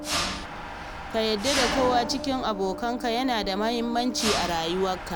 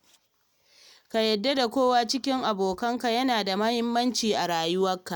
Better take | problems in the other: second | background sound (Mechanisms); 4 dB below the speech

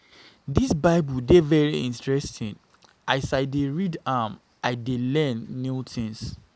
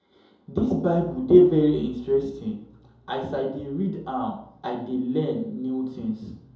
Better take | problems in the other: first | room echo; dies away in 2.6 s

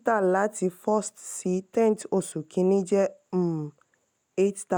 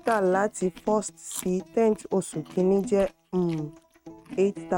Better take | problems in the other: first | noise reduction (neural mask model RNNoise)

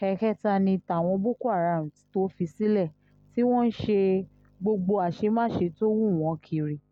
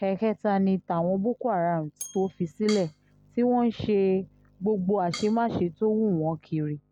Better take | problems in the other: first | background sound (Drum kit + Bell); 19 dB below the speech

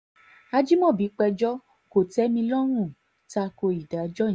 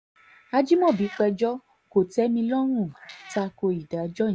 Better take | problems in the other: first | background sound (Meow); 19 dB below the speech

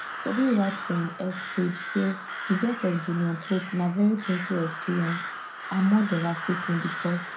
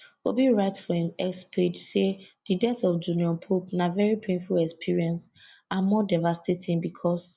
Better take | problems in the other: second | background sound (Crow); 9 dB below the speech // room echo; dies away in 0.2 s

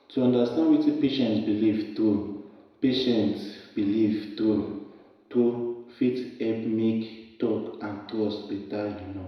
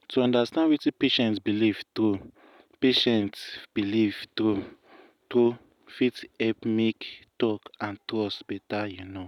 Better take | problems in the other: second | room echo; dies away in 0.9 s

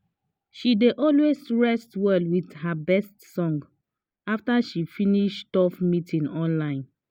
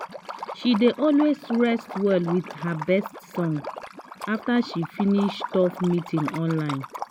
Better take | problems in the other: first | background sound (Liquid); 12 dB below the speech

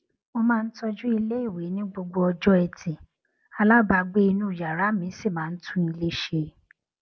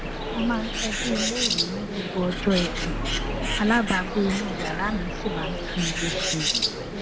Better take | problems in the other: first | background sound (Bird); as loud as the speech

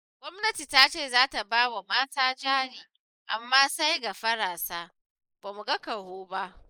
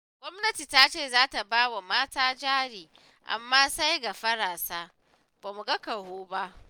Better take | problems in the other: second | noise reduction (neural mask model Resemble Enhance denoiser)

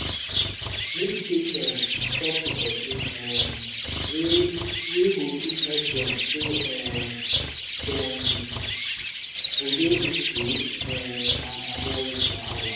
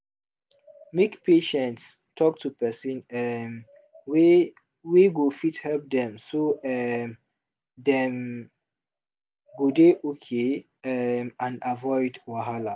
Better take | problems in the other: second | background sound (Bird); 3 dB above the speech // room echo; dies away in 1.1 s

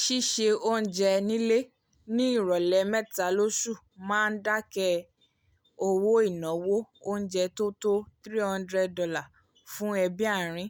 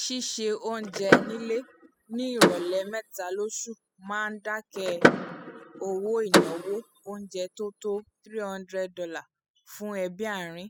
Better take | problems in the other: first | noise reduction (classical method spectral subtraction)

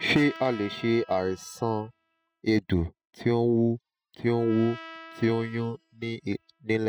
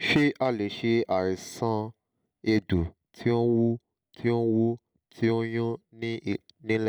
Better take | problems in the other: second | noise reduction (classical method spectral subtraction)

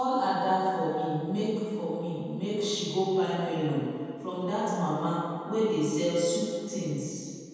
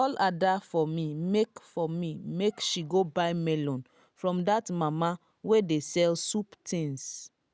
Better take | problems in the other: second | room echo; dies away in 2 s

